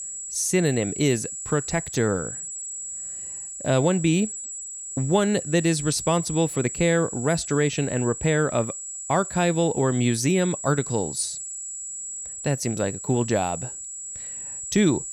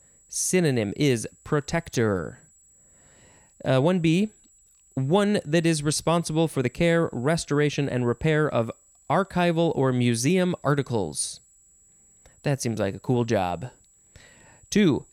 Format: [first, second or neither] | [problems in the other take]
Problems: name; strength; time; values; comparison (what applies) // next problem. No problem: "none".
second | high-pitched whine; loud; throughout; 8 kHz, 8 dB below the speech; faint in the second